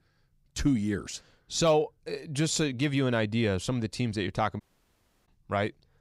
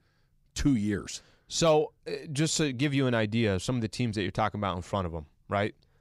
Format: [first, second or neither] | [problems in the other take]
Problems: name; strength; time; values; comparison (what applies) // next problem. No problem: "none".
second | audio cutting out; at 4.5 s for 0.5 s